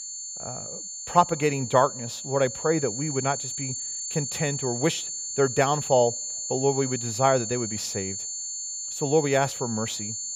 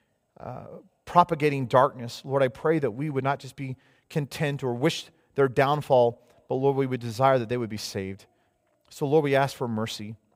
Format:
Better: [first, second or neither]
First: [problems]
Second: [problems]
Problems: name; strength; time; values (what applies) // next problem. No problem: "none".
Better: second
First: high-pitched whine; loud; throughout; 7 kHz, 5 dB below the speech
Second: none